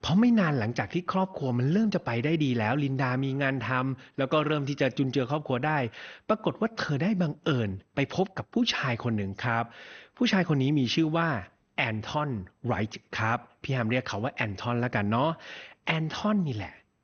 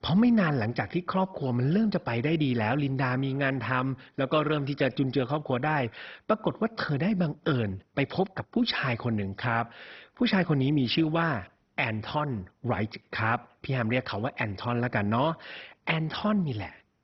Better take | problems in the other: first | garbled, watery; badly; nothing above 5.5 kHz; slightly in the first

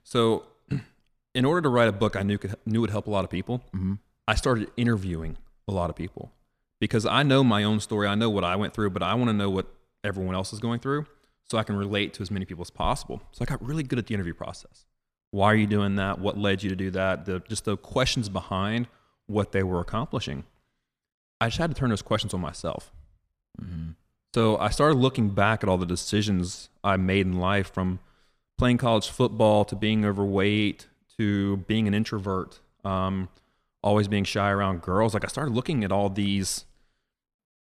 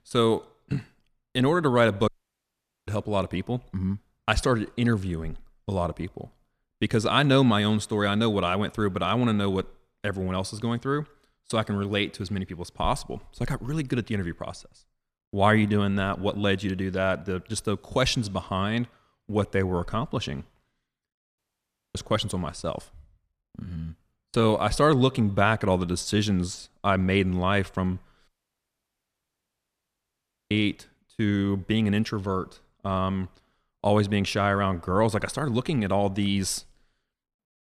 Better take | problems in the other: first | audio cutting out; at 2 s for 1 s, at 21 s for 0.5 s and at 28 s for 2 s

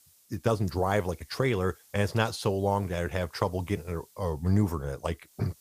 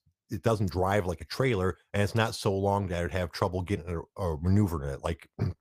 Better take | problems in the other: second | hiss; faint; throughout; 25 dB below the speech

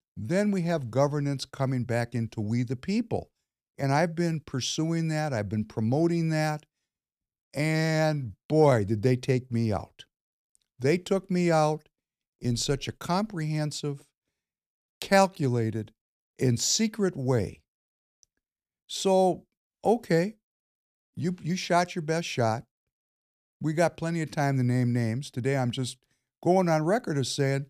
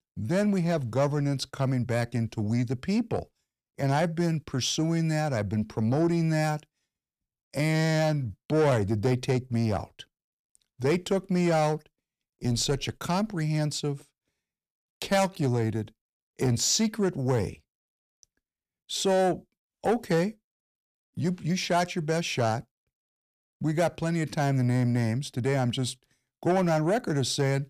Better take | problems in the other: first | distortion; slight; 10 dB below the speech

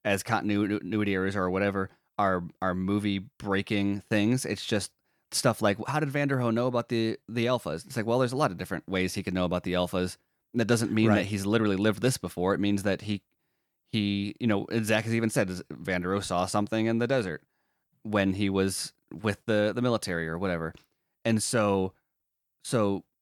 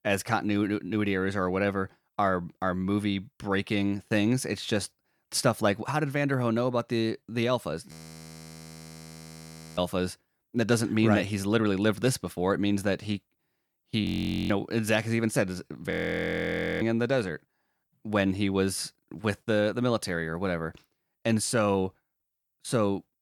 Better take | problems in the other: first | audio freezing; at 8 s for 2 s, at 14 s and at 16 s for 1 s

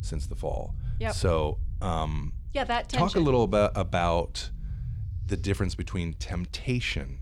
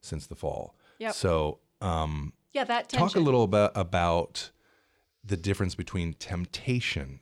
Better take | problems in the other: second | low rumble; faint; throughout; 25 dB below the speech

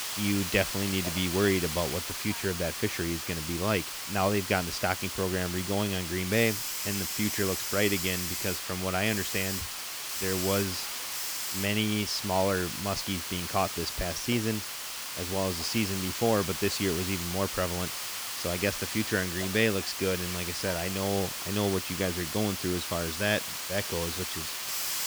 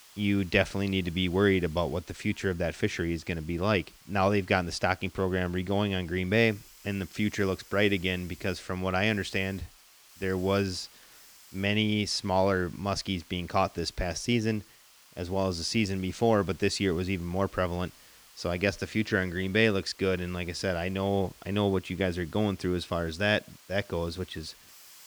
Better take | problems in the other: second | hiss; loud; throughout; 2 dB below the speech; faint in the second

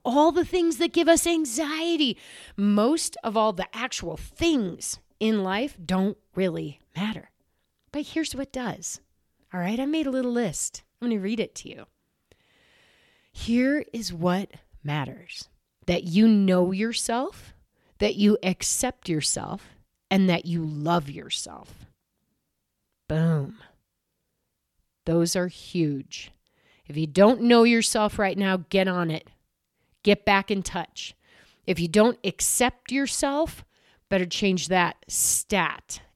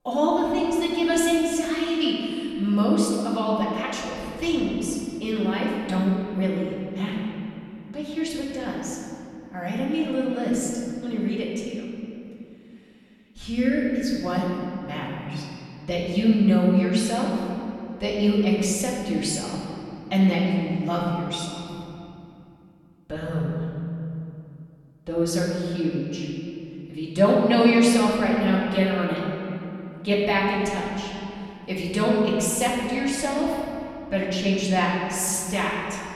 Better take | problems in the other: first | off-mic speech; far // room echo; noticeable; dies away in 2.7 s

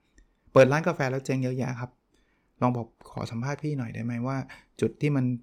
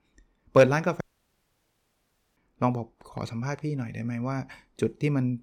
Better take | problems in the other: first | audio cutting out; at 1 s for 1.5 s

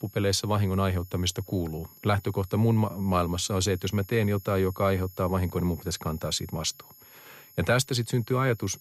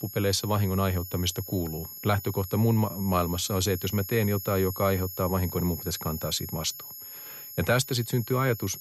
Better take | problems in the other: first | high-pitched whine; loud; throughout; 11.5 kHz, 10 dB below the speech; faint in the first

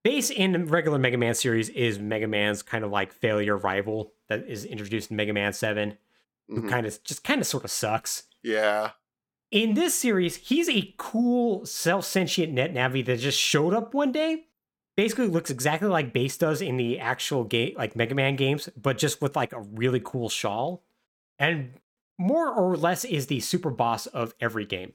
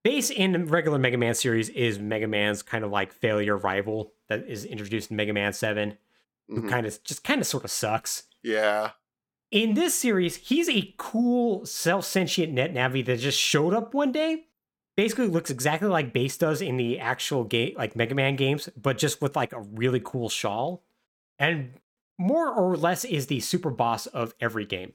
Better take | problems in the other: neither | none

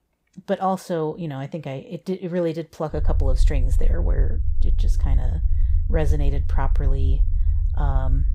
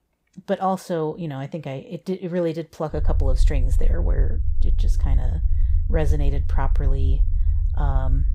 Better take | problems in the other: neither | low rumble; noticeable; from 3 s on; 15 dB below the speech; the same in both

